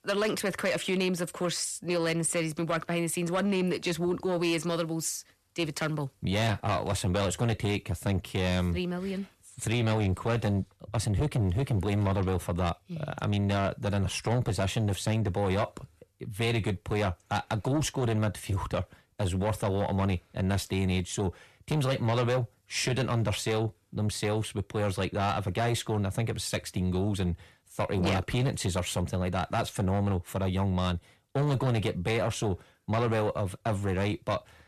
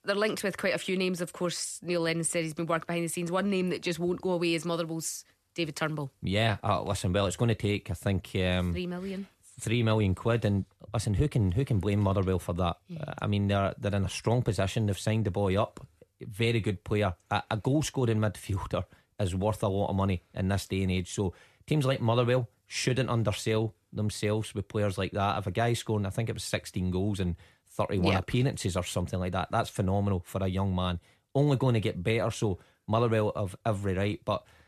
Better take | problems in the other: second | distortion; slight; 10 dB below the speech

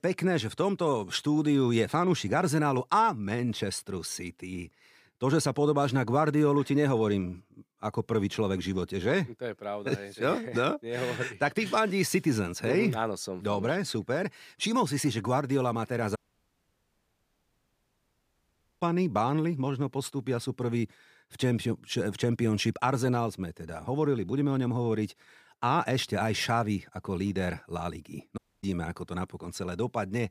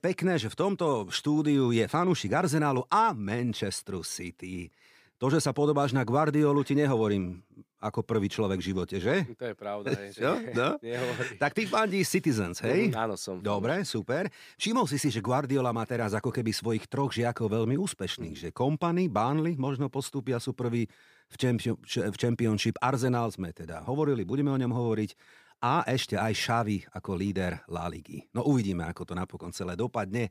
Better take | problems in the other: second | audio cutting out; at 16 s for 2.5 s and at 28 s

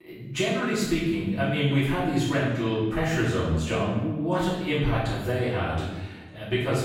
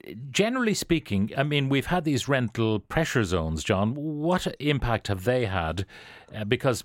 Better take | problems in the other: second | off-mic speech; far // room echo; strong; dies away in 0.9 s

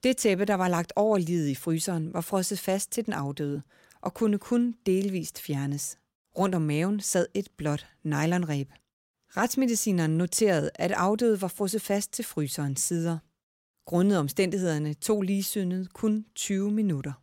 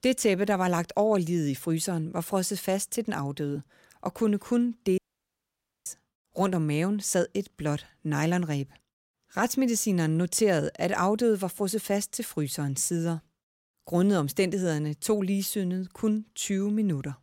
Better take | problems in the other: first | audio cutting out; at 5 s for 1 s

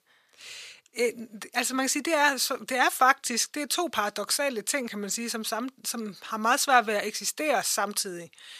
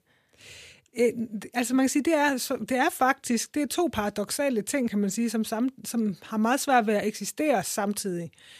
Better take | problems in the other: second | thin; somewhat; fading below 900 Hz

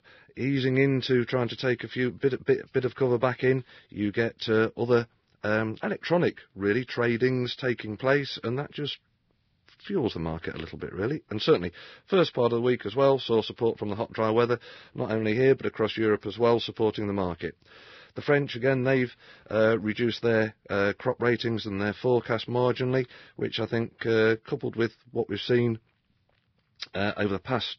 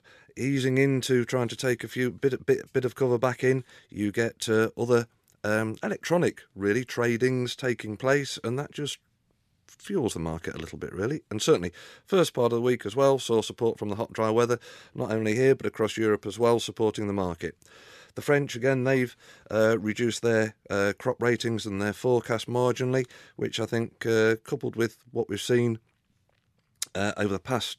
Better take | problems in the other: second | garbled, watery; badly; nothing above 5.5 kHz

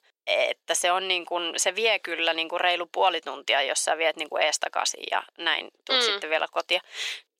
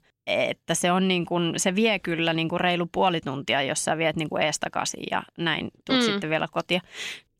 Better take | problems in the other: second | thin; very; fading below 450 Hz

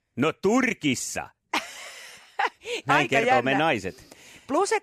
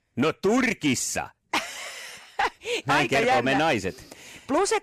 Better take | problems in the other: first | distortion; slight; 10 dB below the speech

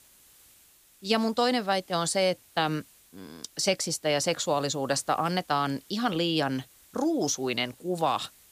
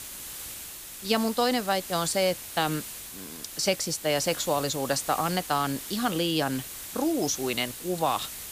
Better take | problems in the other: first | hiss; loud; throughout; 9 dB below the speech; faint in the first

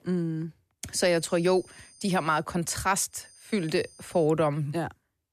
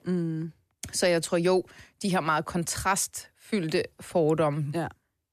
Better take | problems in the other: second | high-pitched whine; faint; from 1 to 2.5 s and from 3 to 4.5 s; 9 kHz, 25 dB below the speech

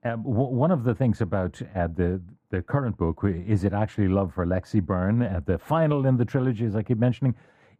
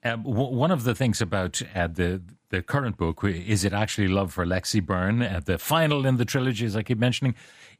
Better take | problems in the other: second | muffled; very; fading above 2 kHz

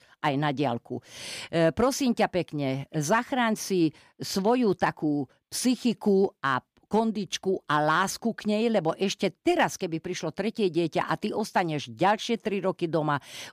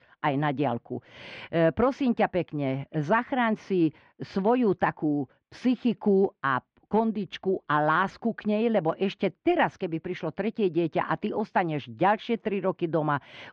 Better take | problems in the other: first | muffled; very; fading above 2.5 kHz

